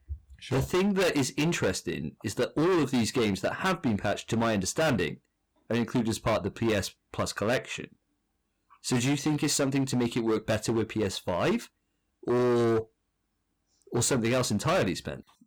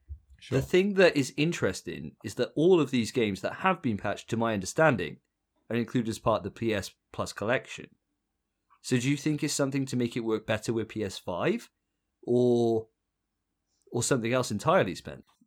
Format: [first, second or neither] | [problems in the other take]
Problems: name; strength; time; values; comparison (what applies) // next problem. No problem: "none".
second | distortion; heavy; 15% of the sound clipped